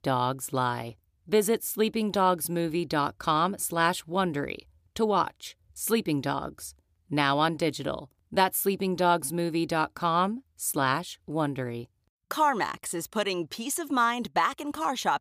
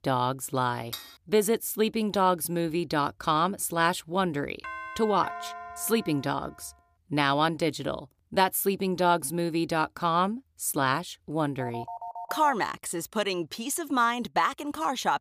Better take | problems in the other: first | clattering dishes; faint; at 1 s; peak 10 dB below the speech // doorbell; noticeable; from 4.5 to 6.5 s; peak 10 dB below the speech // phone ringing; faint; at 12 s; peak 10 dB below the speech

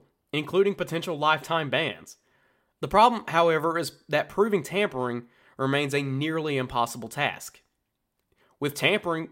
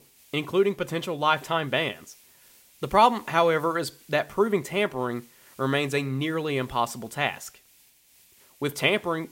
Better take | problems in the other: first | hiss; faint; throughout; 30 dB below the speech

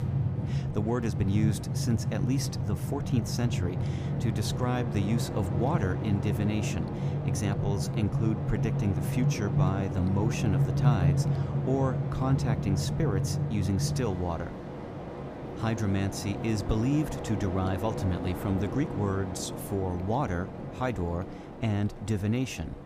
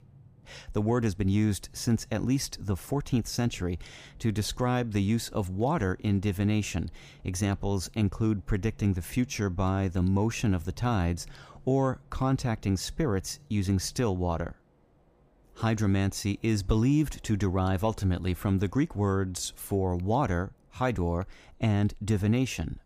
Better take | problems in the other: second | train or aircraft noise; loud; throughout; as loud as the speech; faint in the second

